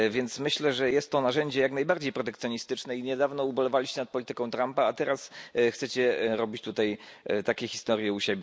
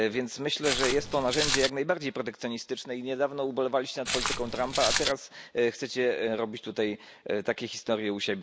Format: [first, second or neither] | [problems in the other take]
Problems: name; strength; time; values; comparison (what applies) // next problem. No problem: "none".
first | background sound (Walk, footsteps); 1 dB below the speech